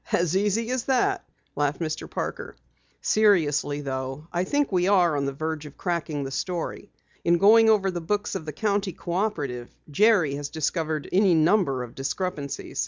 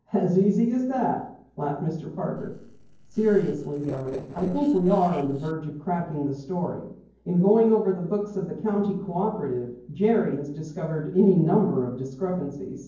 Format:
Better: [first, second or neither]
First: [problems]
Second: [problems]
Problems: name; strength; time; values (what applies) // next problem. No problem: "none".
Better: first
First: none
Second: noise reduction (neural separator model SepFormer DNS4)